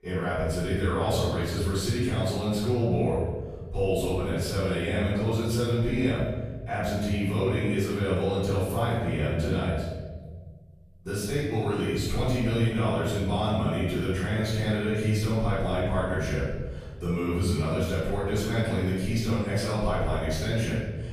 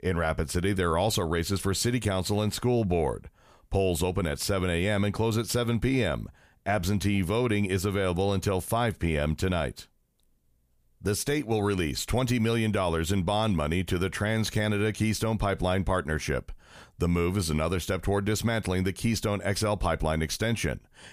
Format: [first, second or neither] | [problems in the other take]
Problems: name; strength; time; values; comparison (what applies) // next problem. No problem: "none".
second | off-mic speech; far // room echo; strong; dies away in 1.5 s